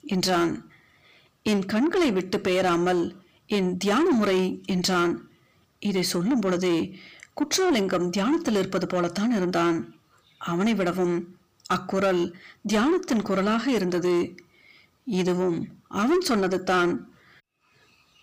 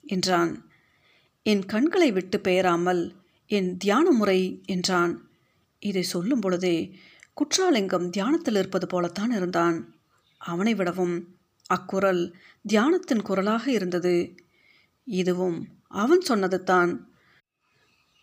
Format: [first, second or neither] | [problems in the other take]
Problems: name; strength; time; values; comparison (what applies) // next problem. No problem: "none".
second | distortion; slight; 10 dB below the speech